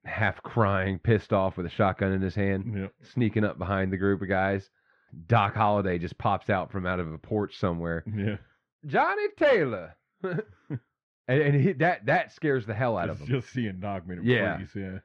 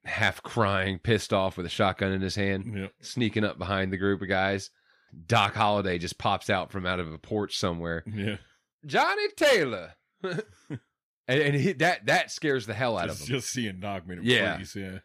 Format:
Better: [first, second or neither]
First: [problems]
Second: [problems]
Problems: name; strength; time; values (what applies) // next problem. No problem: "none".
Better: second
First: muffled; very; fading above 2 kHz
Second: none